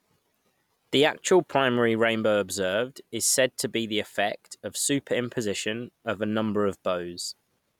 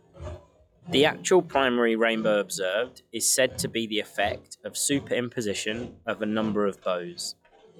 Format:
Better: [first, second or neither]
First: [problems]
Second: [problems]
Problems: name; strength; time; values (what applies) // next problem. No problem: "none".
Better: first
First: none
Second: noise reduction (classical method log-MMSE)